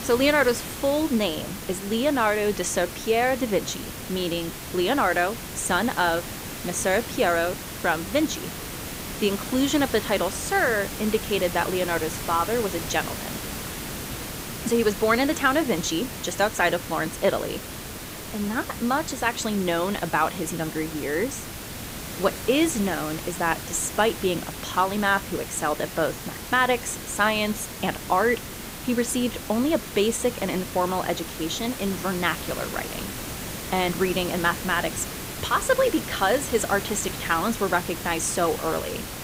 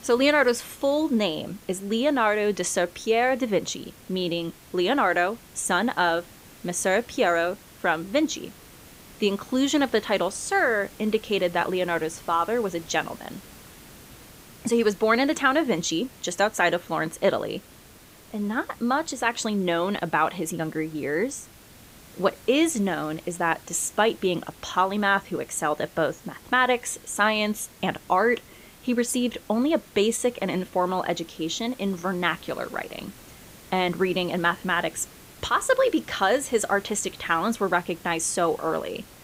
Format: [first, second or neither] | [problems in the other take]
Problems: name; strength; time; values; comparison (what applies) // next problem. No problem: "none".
second | hiss; loud; throughout; 8 dB below the speech; faint in the second